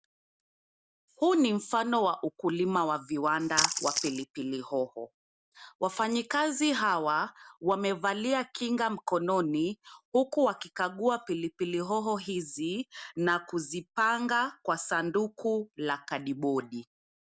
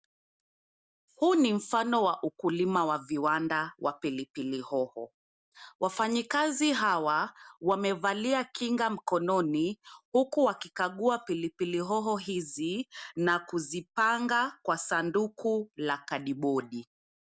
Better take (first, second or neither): second